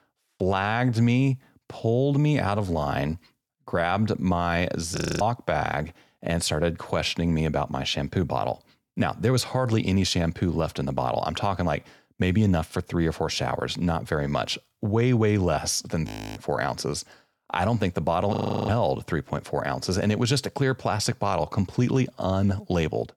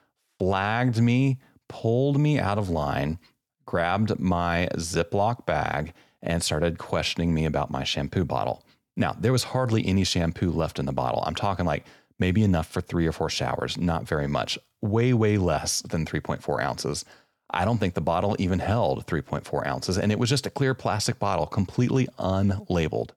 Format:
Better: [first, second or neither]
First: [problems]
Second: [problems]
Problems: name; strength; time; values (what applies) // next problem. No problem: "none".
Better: second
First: audio freezing; at 5 s, at 16 s and at 18 s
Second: none